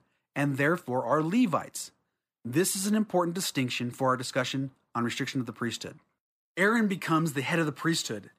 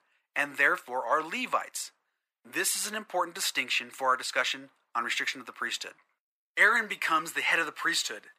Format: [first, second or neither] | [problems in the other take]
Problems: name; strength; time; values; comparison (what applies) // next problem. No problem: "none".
first | thin; very; fading below 650 Hz